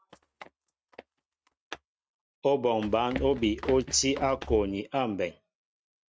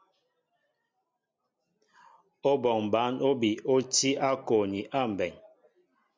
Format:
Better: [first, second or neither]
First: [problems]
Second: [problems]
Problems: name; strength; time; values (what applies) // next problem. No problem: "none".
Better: second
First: noise reduction (neural mask model RNNoise)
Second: none